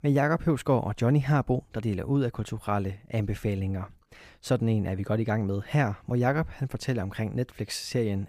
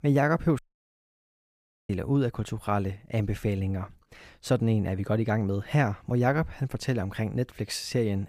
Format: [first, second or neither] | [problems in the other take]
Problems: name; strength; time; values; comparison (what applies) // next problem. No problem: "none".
first | audio cutting out; at 0.5 s for 1.5 s